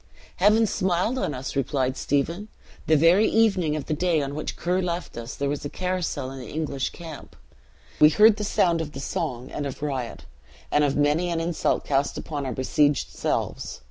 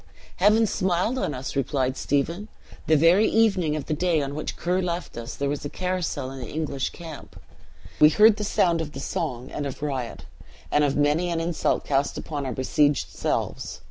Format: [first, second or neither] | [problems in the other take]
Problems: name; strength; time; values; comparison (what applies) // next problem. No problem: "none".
first | background sound (Writing); 14 dB below the speech